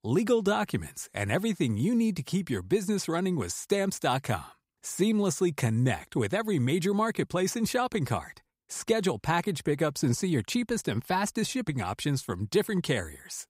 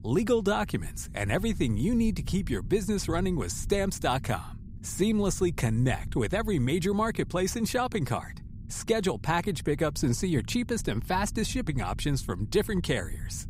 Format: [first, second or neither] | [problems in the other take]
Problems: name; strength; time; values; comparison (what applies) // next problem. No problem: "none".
first | low rumble; faint; throughout; 25 dB below the speech